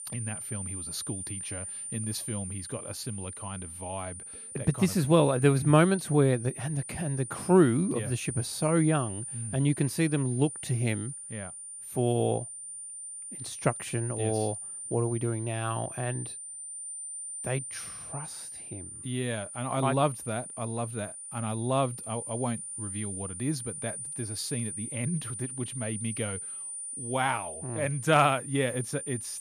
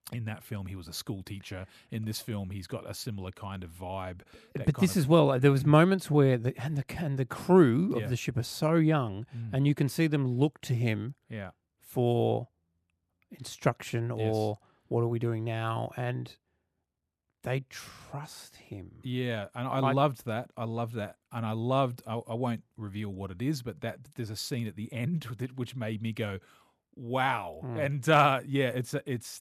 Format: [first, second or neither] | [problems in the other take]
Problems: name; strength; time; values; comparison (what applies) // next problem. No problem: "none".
second | high-pitched whine; loud; throughout; 9.5 kHz, 8 dB below the speech